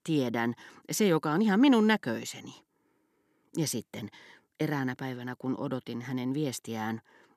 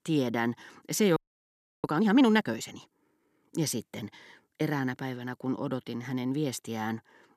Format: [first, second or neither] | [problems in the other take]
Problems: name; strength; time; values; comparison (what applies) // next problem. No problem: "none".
first | audio freezing; at 1 s for 0.5 s